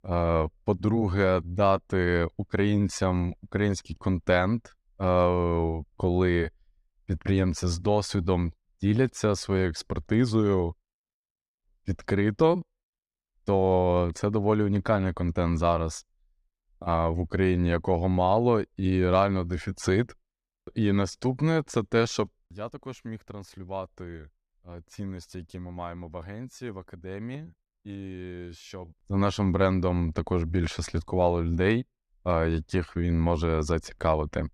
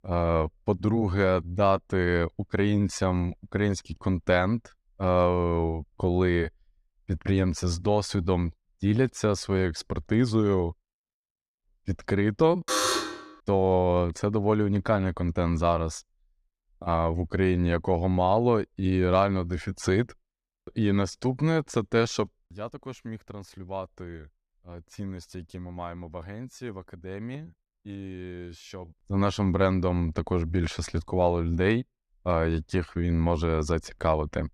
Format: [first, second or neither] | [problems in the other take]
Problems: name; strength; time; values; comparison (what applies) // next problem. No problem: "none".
first | alarm; loud; at 13 s; peak 2 dB above the speech